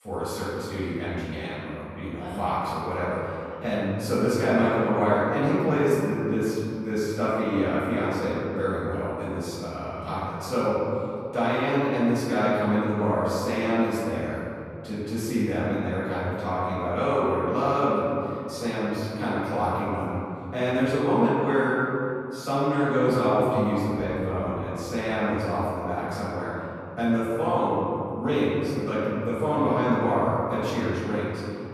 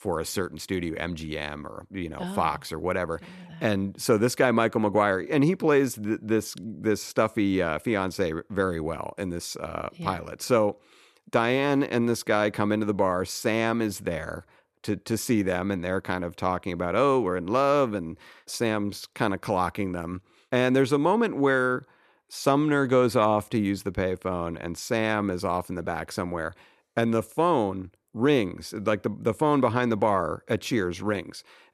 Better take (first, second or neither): second